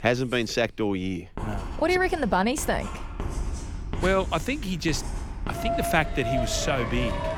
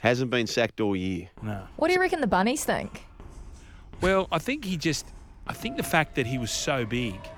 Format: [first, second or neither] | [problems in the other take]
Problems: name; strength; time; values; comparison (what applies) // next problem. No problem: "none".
second | household noises; loud; throughout; 7 dB below the speech; faint in the second